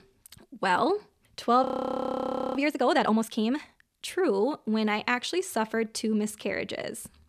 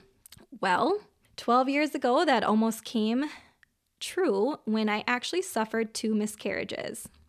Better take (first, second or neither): second